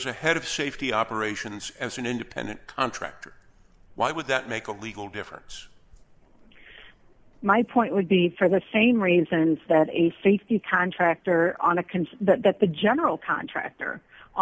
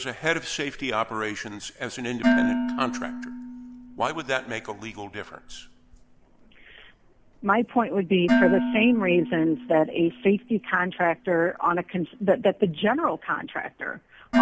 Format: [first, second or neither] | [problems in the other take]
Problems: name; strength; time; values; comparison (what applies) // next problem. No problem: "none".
first | background sound (Dishes, pots, and pans); 5 dB below the speech